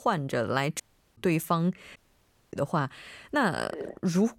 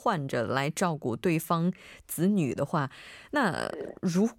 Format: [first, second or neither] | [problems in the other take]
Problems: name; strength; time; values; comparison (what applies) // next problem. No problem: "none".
second | audio cutting out; at 1 s and at 2 s for 0.5 s